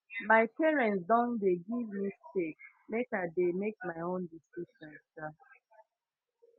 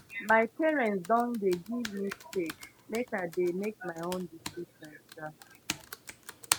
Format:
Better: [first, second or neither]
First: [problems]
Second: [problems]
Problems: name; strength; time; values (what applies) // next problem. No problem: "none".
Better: first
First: none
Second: background sound (Computer keyboard); 10 dB below the speech